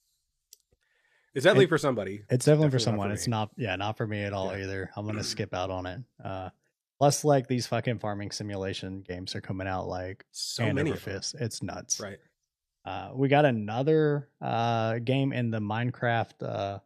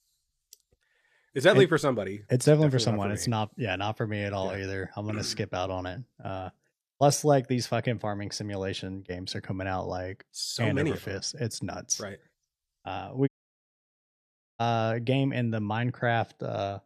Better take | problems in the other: first | audio cutting out; at 13 s for 1.5 s

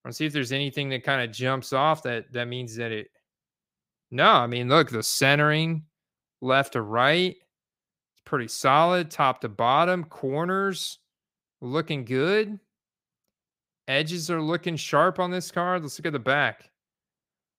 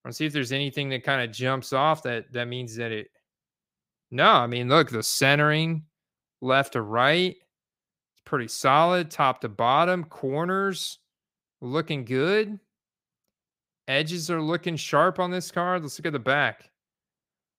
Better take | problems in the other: neither | none

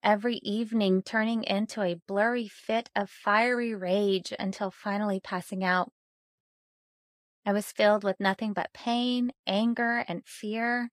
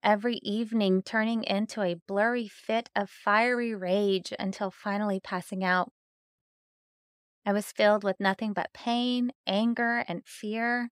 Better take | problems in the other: second | garbled, watery; slightly; nothing above 15.5 kHz

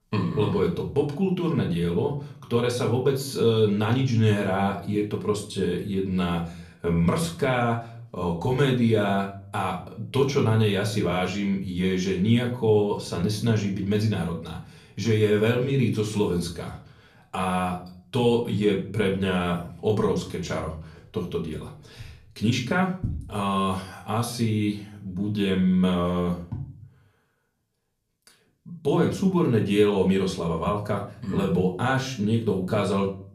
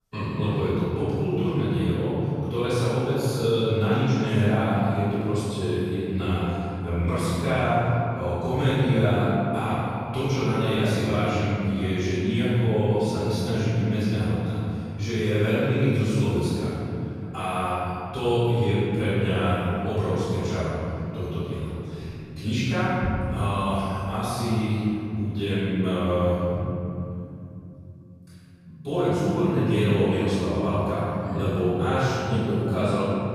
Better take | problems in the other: first | room echo; strong; dies away in 3 s; slight in the first // off-mic speech; far; far in the first

